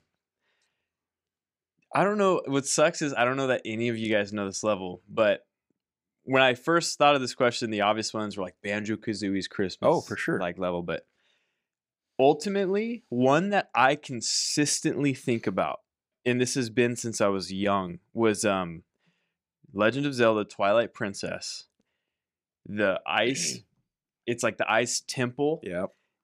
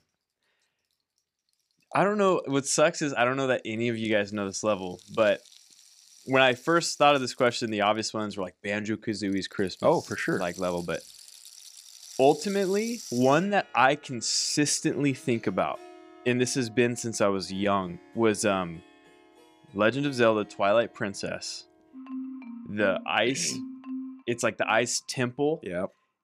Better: first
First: none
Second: background music; noticeable; throughout; 20 dB below the speech

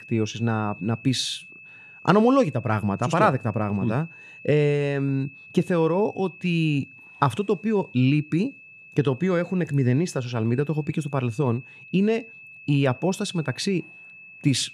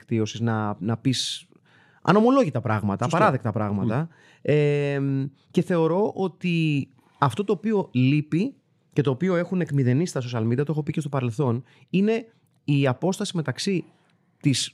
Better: second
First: high-pitched whine; noticeable; throughout; 2.5 kHz, 20 dB below the speech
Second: none

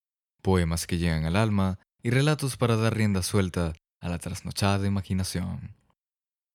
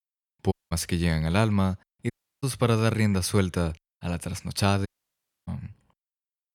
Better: first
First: none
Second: audio cutting out; at 0.5 s, at 2 s and at 5 s for 0.5 s

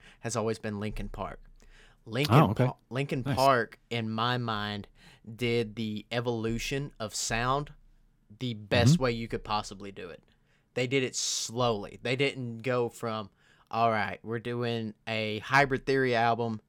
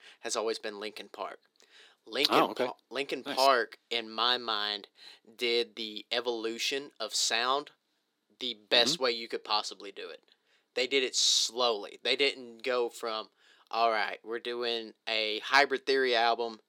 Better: first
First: none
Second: thin; somewhat; fading below 350 Hz

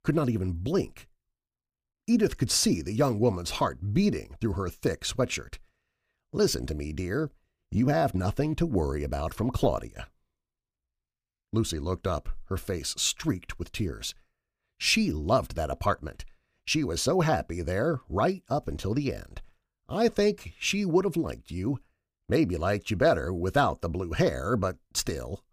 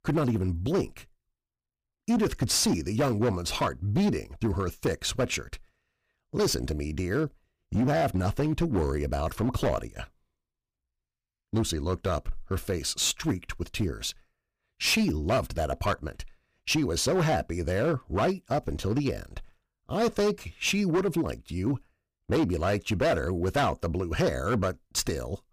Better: first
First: none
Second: distortion; slight; 7% of the sound clipped

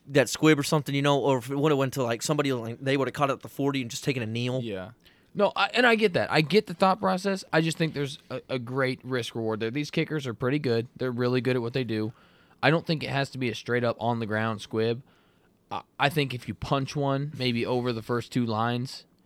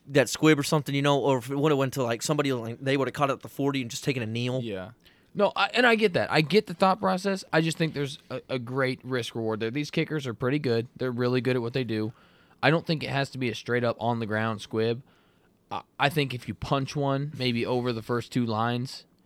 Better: neither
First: none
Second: none

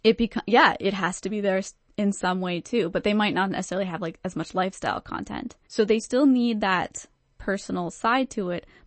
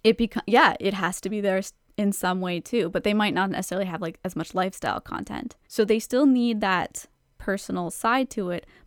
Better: second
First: garbled, watery; slightly; nothing above 8 kHz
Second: none

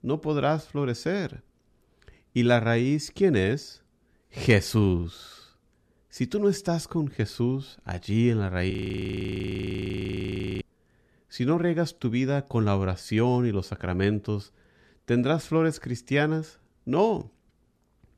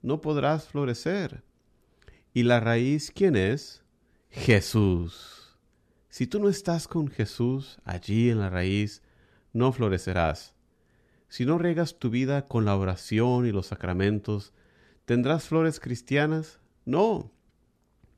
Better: second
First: audio freezing; at 8.5 s for 2 s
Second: none

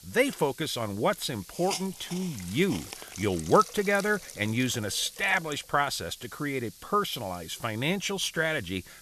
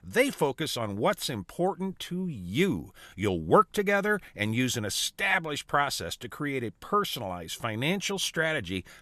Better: second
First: hiss; noticeable; throughout; 15 dB below the speech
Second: none

